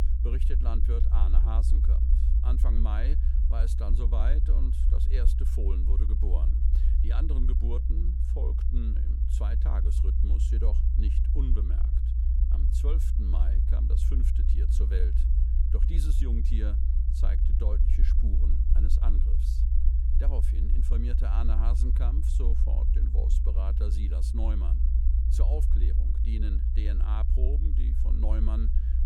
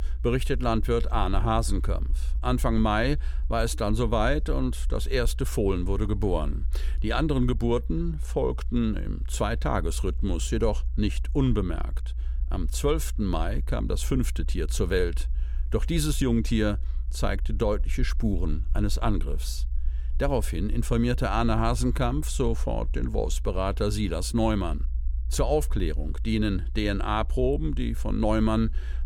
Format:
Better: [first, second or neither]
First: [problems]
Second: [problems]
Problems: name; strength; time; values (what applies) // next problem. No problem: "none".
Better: second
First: low rumble; loud; throughout; 2 dB below the speech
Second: low rumble; faint; throughout; 25 dB below the speech